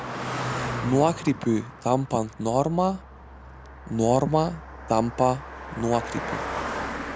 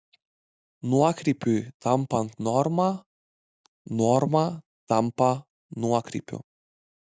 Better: second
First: background sound (Car passing by); 8 dB below the speech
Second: none

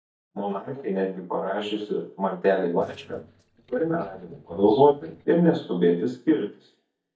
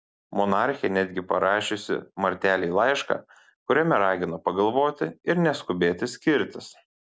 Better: second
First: noise reduction (neural mask model DeepFilterNet 3)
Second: none

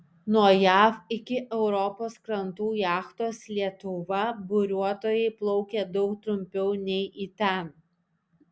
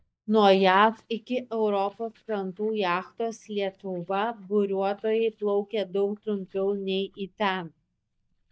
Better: first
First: none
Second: noise reduction (neural mask model DeepFilterNet 3)

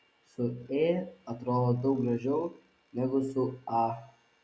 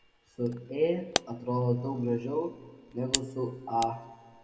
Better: first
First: none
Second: background sound (Camera); 8 dB below the speech // room echo; dies away in 1.2 s

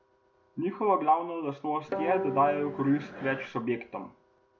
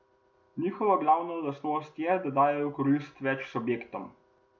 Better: second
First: background sound (Guitar); 6 dB below the speech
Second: none

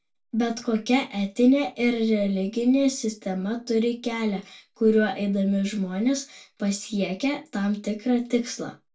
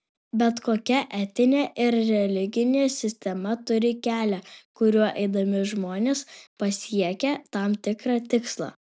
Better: second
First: room echo; dies away in 0.2 s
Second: none

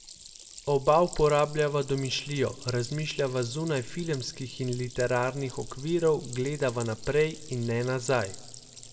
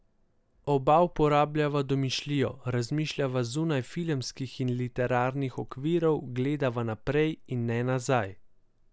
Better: second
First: background sound (Stream); 17 dB below the speech // room echo; dies away in 0.4 s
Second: none

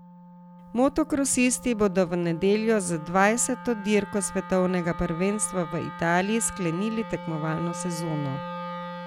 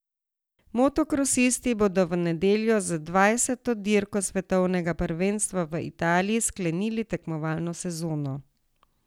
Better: second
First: background sound (Wind instrument, woodwind instrument); 12 dB below the speech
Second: none

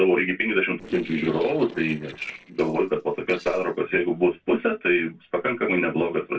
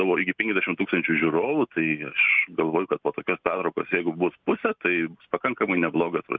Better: second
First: noise reduction (neural separator model SepFormer DNS4)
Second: none

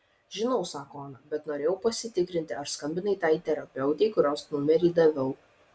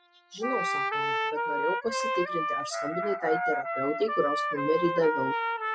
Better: first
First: none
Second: noise reduction (classical method spectral subtraction)

